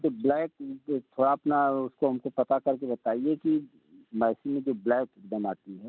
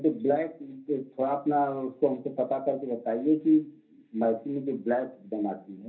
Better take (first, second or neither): first